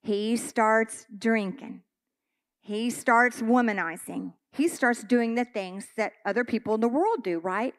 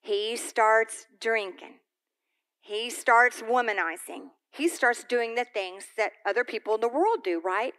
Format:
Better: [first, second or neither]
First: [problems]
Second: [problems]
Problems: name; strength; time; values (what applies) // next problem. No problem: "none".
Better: first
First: none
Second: thin; very; fading below 350 Hz